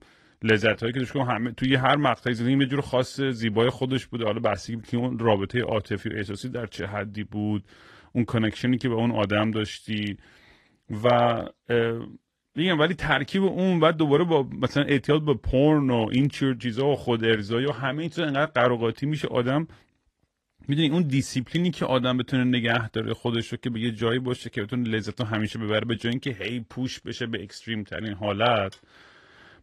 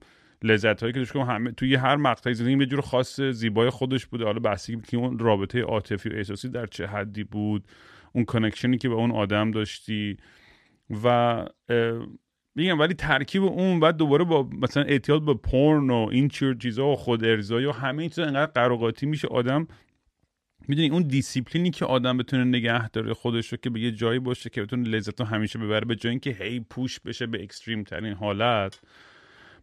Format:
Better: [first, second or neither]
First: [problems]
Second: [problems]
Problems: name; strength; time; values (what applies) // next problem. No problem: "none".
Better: second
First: garbled, watery; slightly; nothing above 13.5 kHz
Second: none